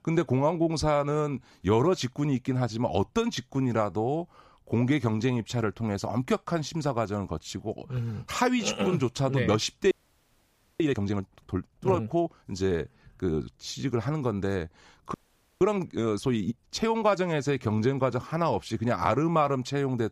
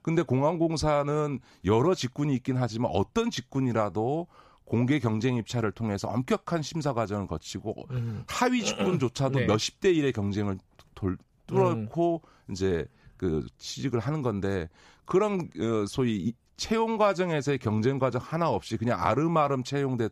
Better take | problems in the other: second | audio freezing; at 10 s for 1 s and at 15 s

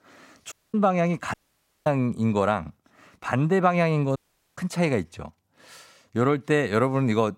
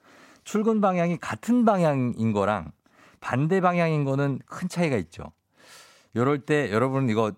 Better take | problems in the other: second | audio cutting out; at 0.5 s, at 1.5 s for 0.5 s and at 4 s

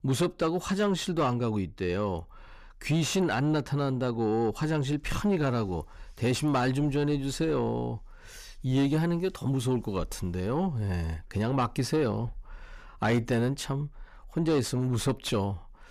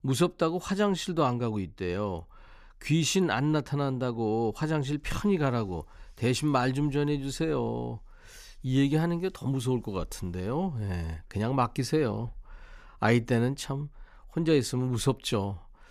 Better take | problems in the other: second | distortion; slight; 10 dB below the speech

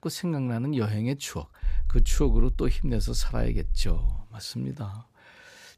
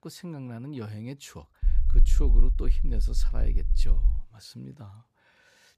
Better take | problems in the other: first | low rumble; loud; from 1.5 to 4 s; 9 dB below the speech; faint in the first

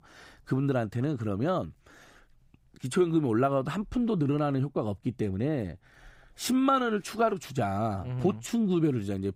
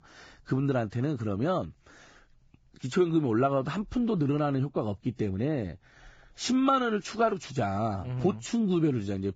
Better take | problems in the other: first | garbled, watery; badly; nothing above 7.5 kHz

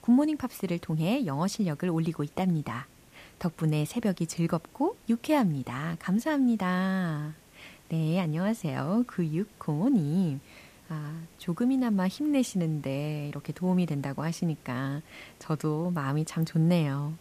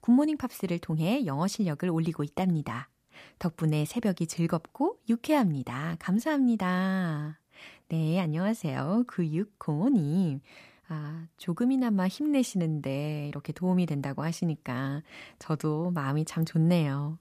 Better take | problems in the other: second | hiss; faint; throughout; 25 dB below the speech

